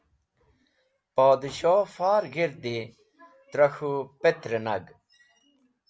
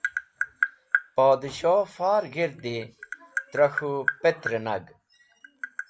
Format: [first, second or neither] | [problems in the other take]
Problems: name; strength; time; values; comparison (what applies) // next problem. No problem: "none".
first | background sound (Tap); 7 dB below the speech